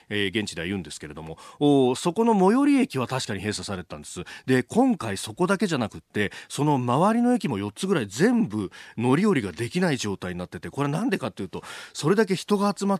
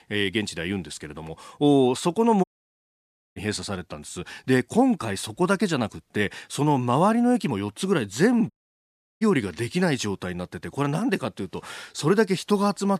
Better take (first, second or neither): first